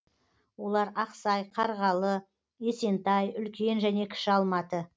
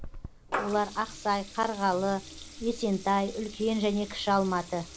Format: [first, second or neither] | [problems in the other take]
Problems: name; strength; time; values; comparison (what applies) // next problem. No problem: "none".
first | background sound (Water tap, faucet / Liquid); 12 dB below the speech